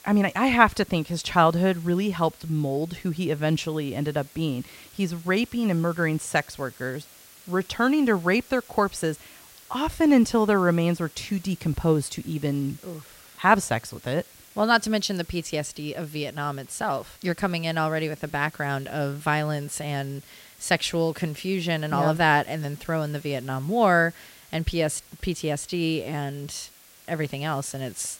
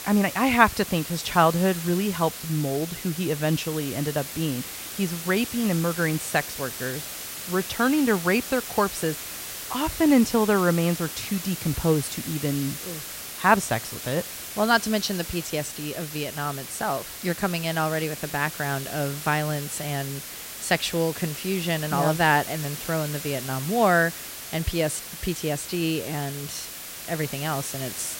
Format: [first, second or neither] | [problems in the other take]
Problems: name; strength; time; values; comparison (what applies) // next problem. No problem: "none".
first | hiss; loud; throughout; 8 dB below the speech; faint in the first